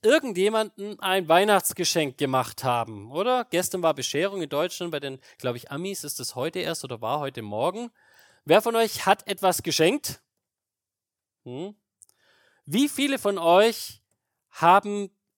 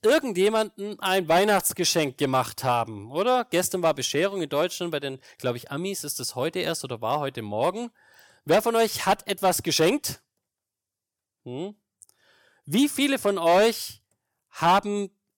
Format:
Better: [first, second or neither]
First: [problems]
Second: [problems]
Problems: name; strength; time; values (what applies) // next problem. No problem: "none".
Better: first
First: none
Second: distortion; slight; 3% of the sound clipped